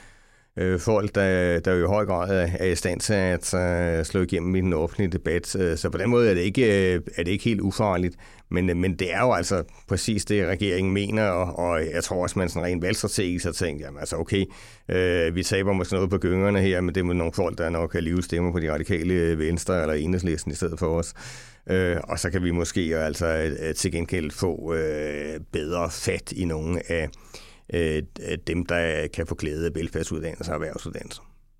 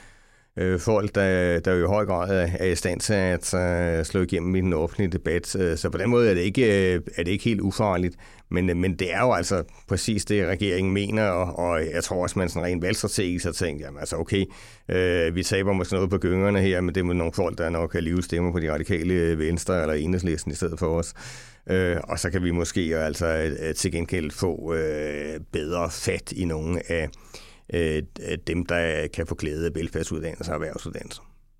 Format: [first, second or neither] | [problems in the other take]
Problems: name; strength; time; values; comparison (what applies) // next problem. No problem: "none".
neither | none